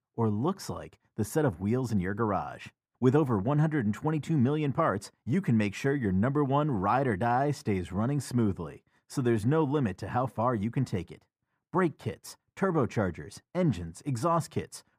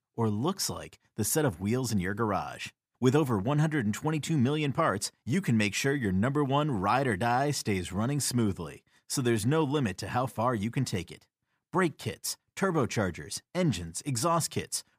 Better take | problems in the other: second | muffled; slightly; fading above 2 kHz

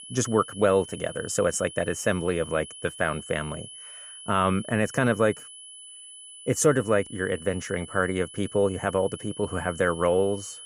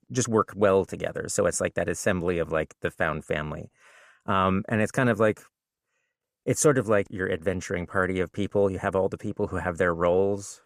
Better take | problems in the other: second | high-pitched whine; noticeable; throughout; 3 kHz, 15 dB below the speech

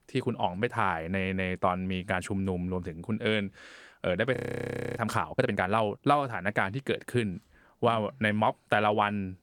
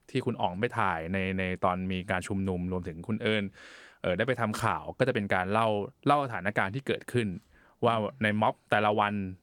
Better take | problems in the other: second | audio freezing; at 4.5 s for 0.5 s

